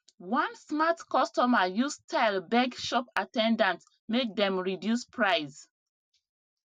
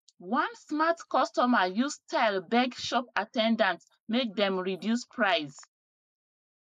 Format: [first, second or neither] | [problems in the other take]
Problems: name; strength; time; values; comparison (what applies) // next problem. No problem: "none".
first | noise reduction (neural mask model Resemble Enhance denoiser)